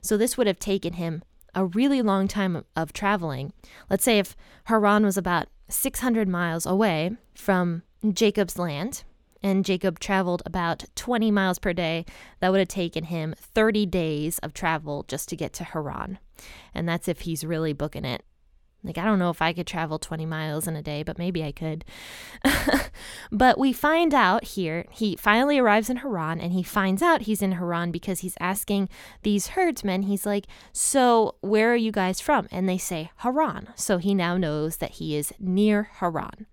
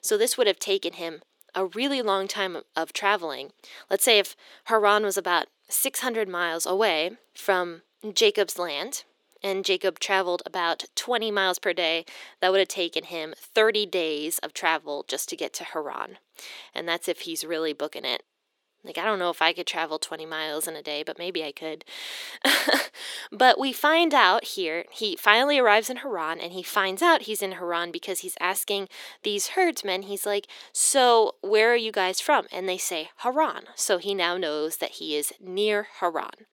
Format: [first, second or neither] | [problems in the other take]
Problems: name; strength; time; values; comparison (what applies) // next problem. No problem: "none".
first | thin; somewhat; fading below 350 Hz